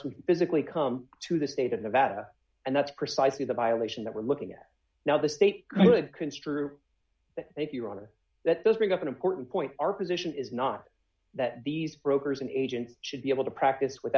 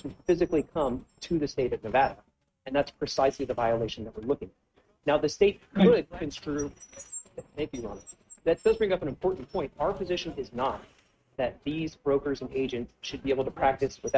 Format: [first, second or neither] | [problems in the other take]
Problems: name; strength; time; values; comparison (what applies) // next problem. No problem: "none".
first | noise reduction (neural mask model RNNoise)